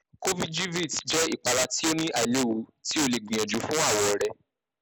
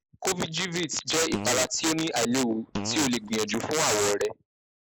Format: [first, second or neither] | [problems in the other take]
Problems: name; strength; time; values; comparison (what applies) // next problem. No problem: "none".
first | noise reduction (neural mask model Resemble Enhance denoiser)